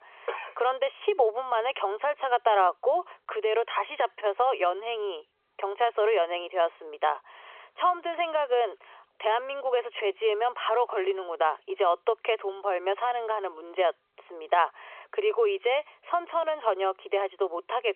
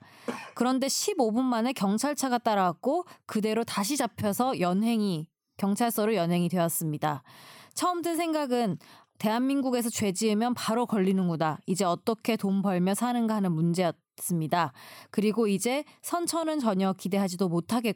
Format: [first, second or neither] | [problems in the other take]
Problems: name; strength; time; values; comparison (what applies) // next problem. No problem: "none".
second | phone-call audio; nothing above 3.5 kHz